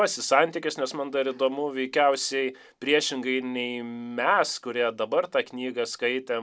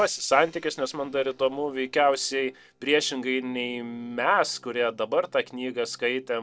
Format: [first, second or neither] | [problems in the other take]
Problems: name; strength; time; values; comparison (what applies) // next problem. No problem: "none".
first | noise reduction (neural separator model SepFormer DNS4)